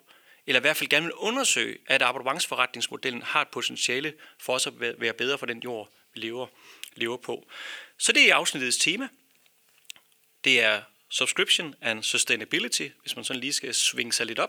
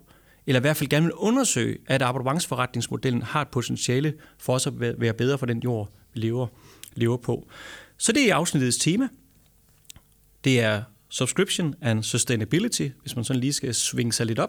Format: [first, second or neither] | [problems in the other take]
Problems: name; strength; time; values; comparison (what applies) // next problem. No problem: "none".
second | thin; somewhat; fading below 400 Hz